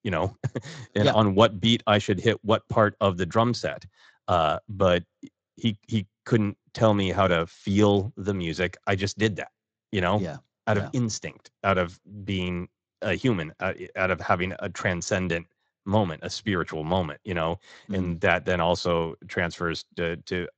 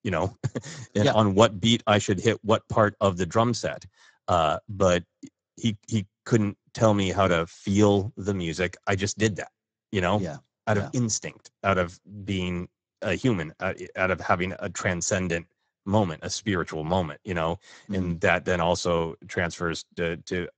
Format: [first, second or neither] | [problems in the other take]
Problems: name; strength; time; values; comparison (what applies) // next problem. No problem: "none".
first | garbled, watery; badly; nothing above 7.5 kHz; slightly in the first